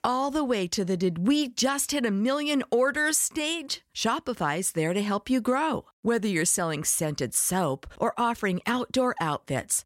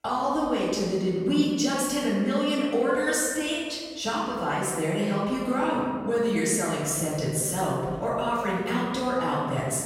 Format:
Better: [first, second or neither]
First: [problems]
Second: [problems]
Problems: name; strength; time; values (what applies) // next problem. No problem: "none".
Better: first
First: none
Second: off-mic speech; far // room echo; strong; dies away in 1.5 s